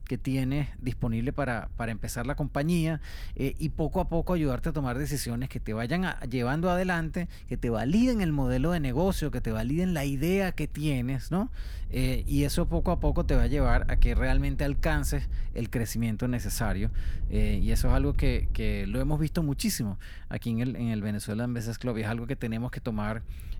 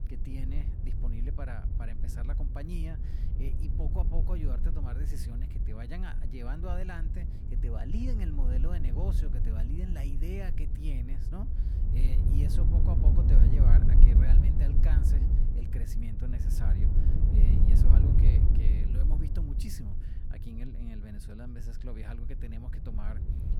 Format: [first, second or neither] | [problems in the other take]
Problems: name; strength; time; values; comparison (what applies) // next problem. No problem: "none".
first | wind noise on the microphone; heavy; 1 dB above the speech; occasional gusts in the first